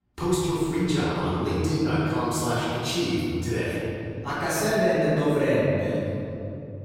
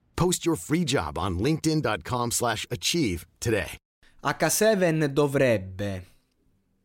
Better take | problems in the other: second | off-mic speech; far // room echo; strong; dies away in 3 s

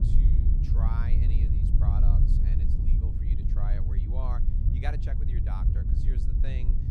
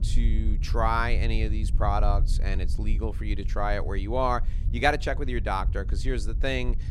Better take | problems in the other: second | wind noise on the microphone; heavy; 1 dB above the speech; occasional gusts in the second

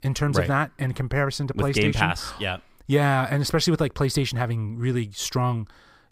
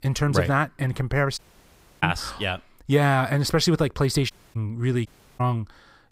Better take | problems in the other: first | audio cutting out; at 1.5 s for 0.5 s, at 4.5 s and at 5 s

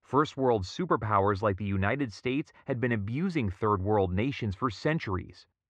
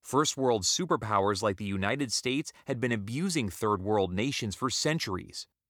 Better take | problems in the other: second | muffled; very; fading above 2 kHz

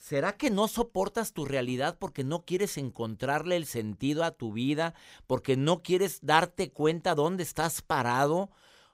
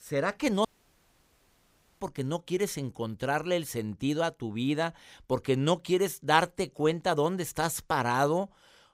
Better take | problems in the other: first | audio cutting out; at 0.5 s for 1.5 s

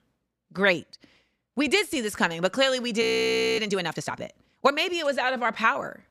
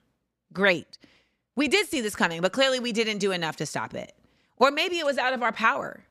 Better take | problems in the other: second | audio freezing; at 3 s for 0.5 s

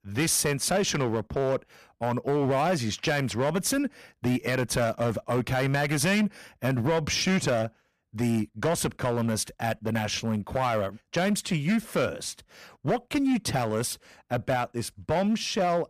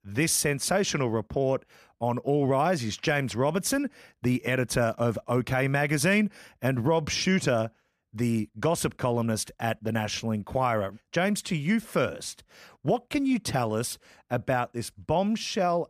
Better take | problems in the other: second | distortion; slight; 8% of the sound clipped

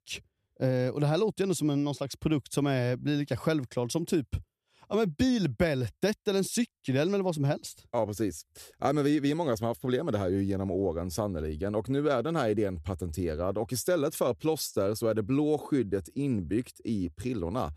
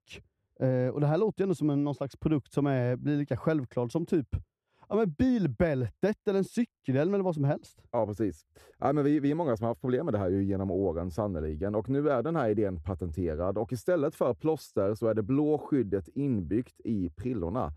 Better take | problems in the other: first | muffled; slightly; fading above 2.5 kHz

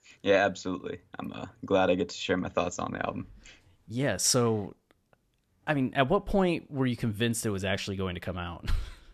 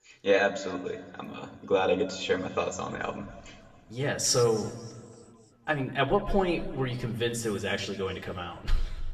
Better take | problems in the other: first | room echo; slight; dies away in 1.6 s // off-mic speech; somewhat distant

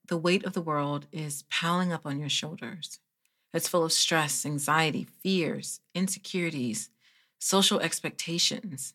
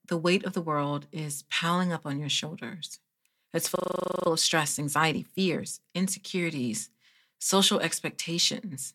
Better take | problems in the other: first | audio freezing; at 4 s for 0.5 s

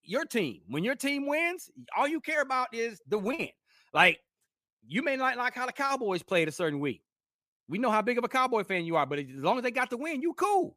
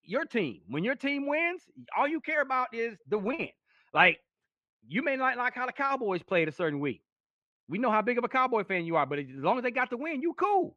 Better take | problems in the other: first | muffled; slightly; fading above 2.5 kHz

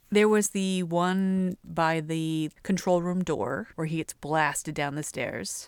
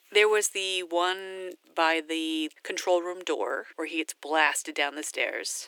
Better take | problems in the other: first | thin; very; fading below 300 Hz

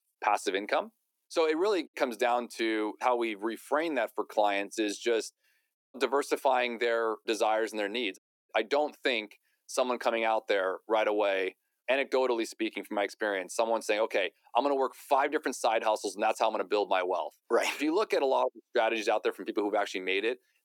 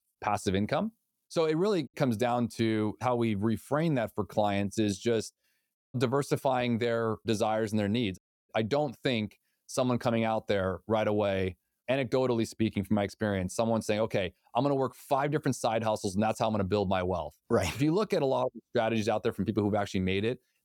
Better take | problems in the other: second | thin; somewhat; fading below 300 Hz

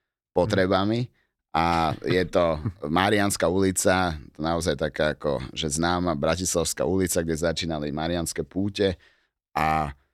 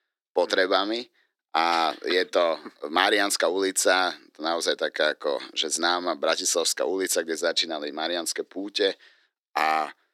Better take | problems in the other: first | thin; somewhat; fading below 300 Hz

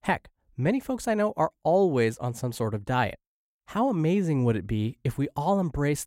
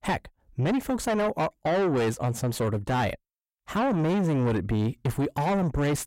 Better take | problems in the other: first | distortion; heavy; 7 dB below the speech

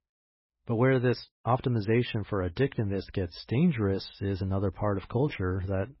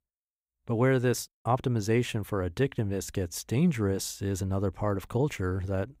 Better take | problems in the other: second | garbled, watery; badly; nothing above 5.5 kHz

